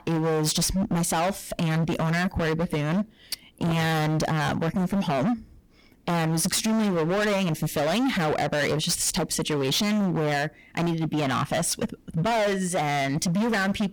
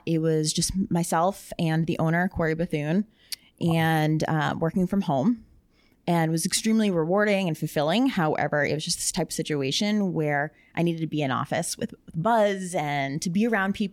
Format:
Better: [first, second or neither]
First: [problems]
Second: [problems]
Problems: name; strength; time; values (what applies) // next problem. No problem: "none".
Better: second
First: distortion; heavy; 31% of the sound clipped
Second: none